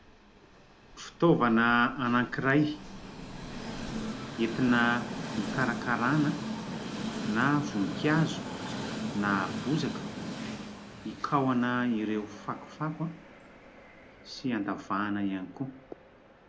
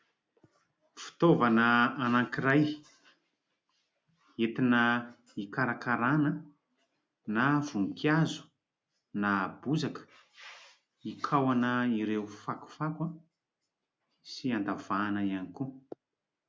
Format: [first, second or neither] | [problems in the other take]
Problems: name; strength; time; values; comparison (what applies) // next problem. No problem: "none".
second | background sound (Train); 8 dB below the speech